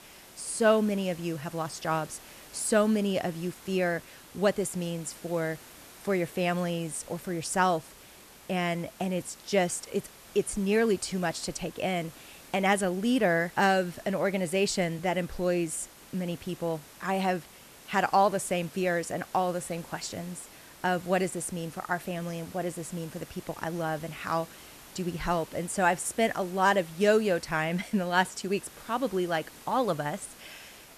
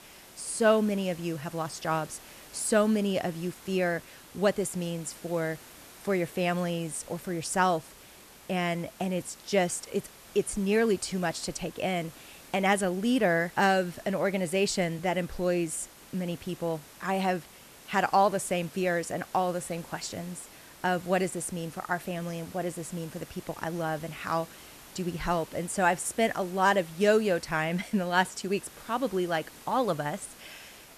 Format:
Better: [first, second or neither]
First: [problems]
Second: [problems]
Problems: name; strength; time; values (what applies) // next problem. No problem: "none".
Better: neither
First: hiss; noticeable; throughout; 20 dB below the speech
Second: hiss; noticeable; throughout; 20 dB below the speech